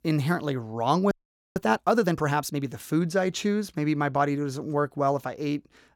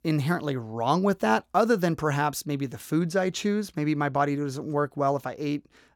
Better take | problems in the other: second | audio freezing; at 1 s

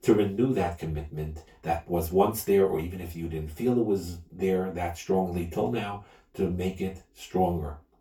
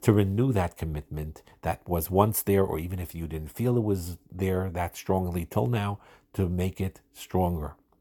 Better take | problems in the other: second | room echo; slight; dies away in 0.2 s // off-mic speech; far

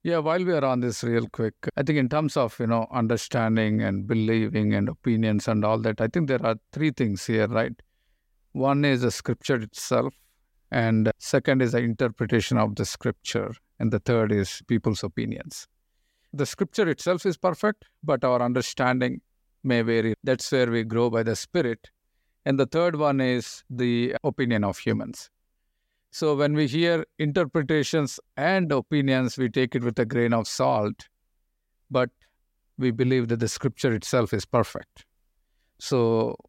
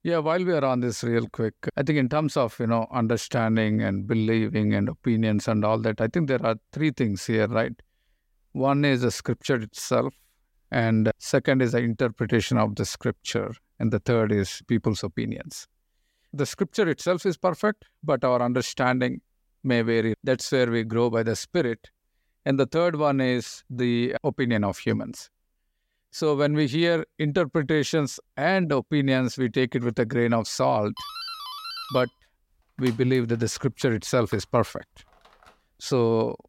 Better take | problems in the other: first | doorbell; noticeable; from 31 to 35 s; peak 9 dB below the speech

